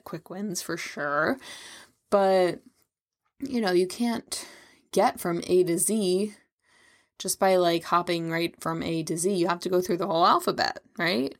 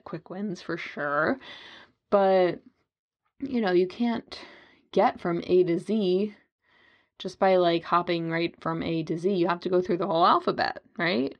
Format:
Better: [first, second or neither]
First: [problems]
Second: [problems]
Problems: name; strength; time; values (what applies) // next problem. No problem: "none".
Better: first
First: none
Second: muffled; slightly; fading above 3.5 kHz